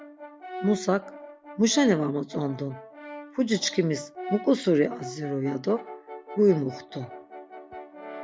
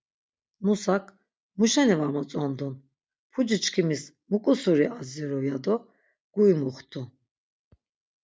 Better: second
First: background sound (Brass instrument); 14 dB below the speech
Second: none

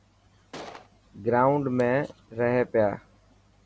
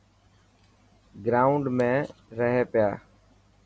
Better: second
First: background sound (Gunshot, gunfire); 14 dB below the speech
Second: none

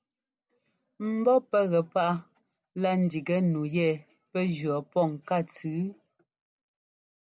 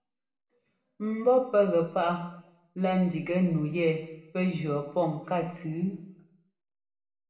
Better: first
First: none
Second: room echo; dies away in 0.8 s

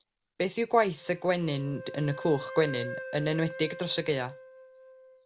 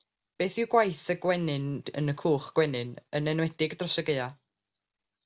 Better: second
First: background sound (Wind instrument, woodwind instrument); 12 dB below the speech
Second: none

